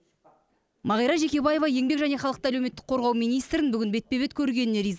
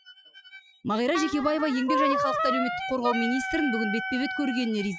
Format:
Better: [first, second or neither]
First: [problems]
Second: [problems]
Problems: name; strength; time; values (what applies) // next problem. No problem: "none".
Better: first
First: none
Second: noise reduction (classical method Wiener filter)